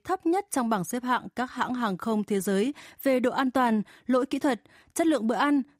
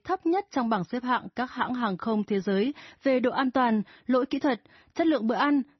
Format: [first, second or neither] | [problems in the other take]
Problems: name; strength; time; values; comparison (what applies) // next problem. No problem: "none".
first | garbled, watery; slightly; nothing above 6 kHz